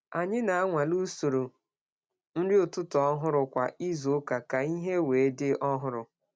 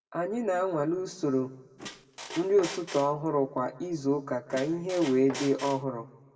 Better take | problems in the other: first | background sound (Squeak); 12 dB below the speech // room echo; dies away in 0.9 s

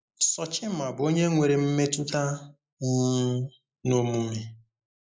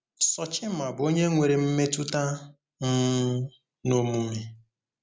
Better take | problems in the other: second | noise reduction (neural mask model Resemble Enhance denoiser)

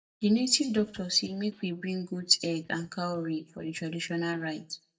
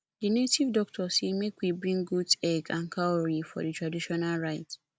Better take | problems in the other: second | noise reduction (neural mask model DeepFilterNet 3)

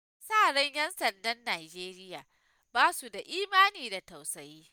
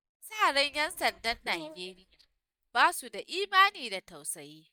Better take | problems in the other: first | noise reduction (neural mask model DeepFilterNet 3)

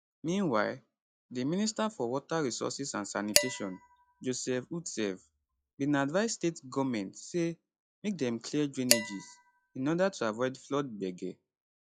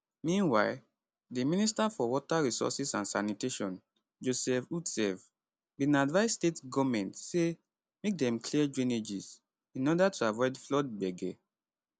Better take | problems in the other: second | noise reduction (classical method log-MMSE)

